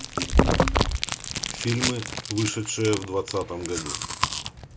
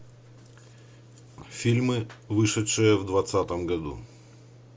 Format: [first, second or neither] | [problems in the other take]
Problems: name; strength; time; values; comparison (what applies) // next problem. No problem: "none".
second | background sound (Chewing, mastication); 3 dB above the speech